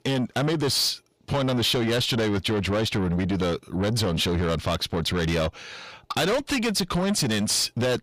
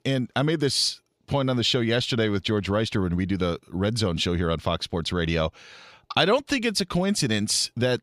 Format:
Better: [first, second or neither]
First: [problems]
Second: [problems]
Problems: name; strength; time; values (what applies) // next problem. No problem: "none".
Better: second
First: distortion; heavy; 7 dB below the speech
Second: none